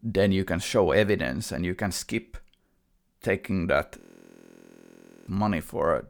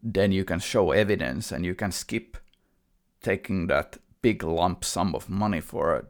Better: second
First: audio freezing; at 4 s for 1.5 s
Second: none

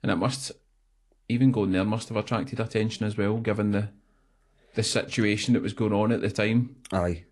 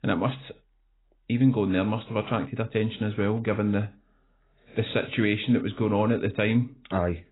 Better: first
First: garbled, watery; slightly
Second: garbled, watery; badly; nothing above 4 kHz

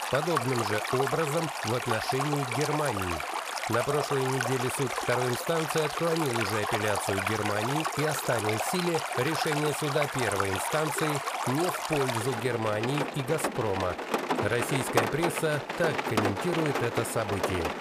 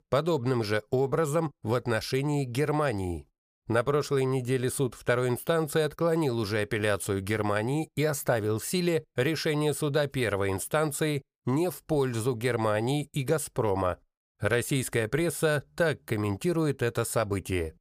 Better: second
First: rain or running water; loud; throughout; 1 dB below the speech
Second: none

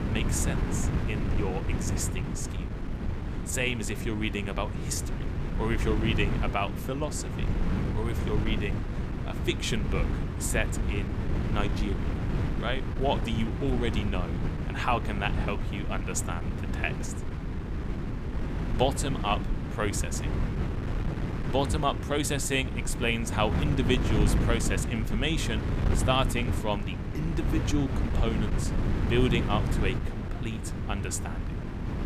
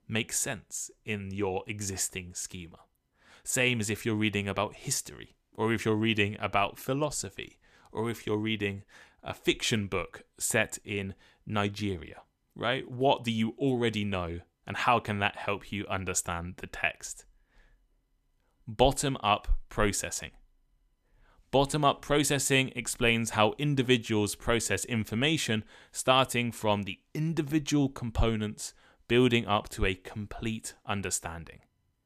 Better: second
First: wind noise on the microphone; heavy; 7 dB below the speech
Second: none

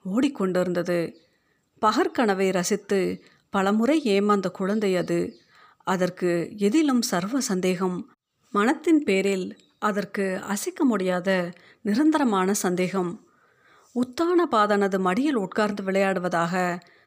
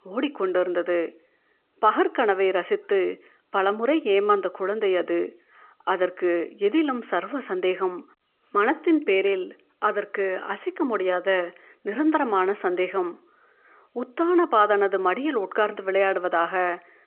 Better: first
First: none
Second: phone-call audio

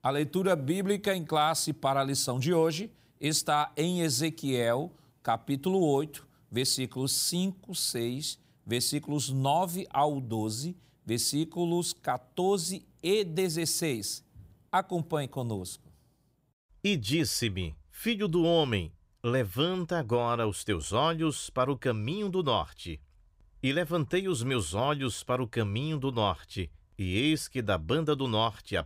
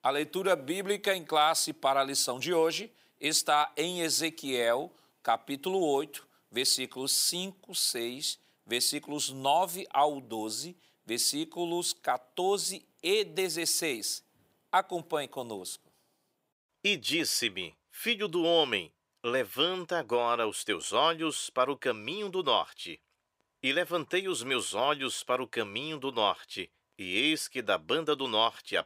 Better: first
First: none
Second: thin; somewhat; fading below 400 Hz

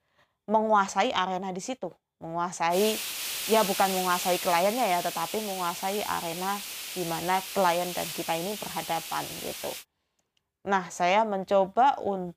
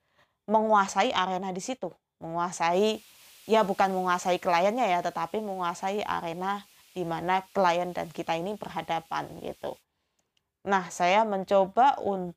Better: second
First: hiss; loud; from 2.5 to 10 s; 6 dB below the speech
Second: hiss; faint; from 2.5 to 10 s; 25 dB below the speech

